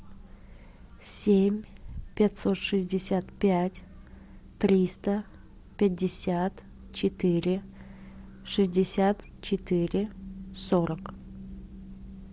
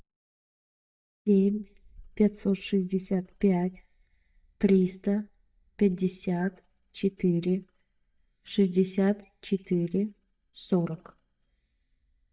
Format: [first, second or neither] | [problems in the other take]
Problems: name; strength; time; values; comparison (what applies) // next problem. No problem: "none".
first | noise reduction (neural mask model DeepFilterNet 3)